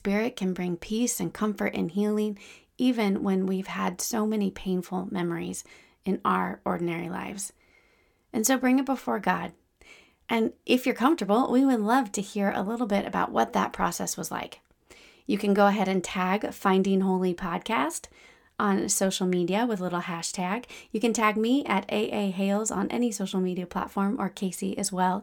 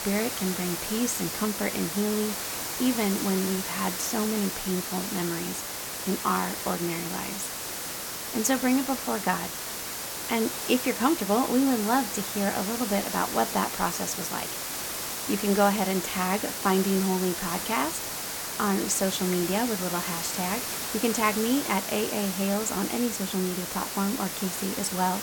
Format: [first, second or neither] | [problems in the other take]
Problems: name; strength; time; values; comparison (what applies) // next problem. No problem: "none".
first | hiss; loud; throughout; 3 dB below the speech